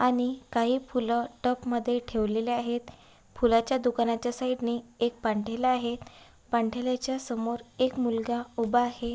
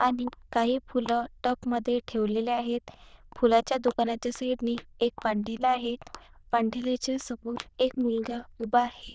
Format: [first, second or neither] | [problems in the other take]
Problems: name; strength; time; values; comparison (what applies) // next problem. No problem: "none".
first | noise reduction (neural diffusion model UNIVERSE++)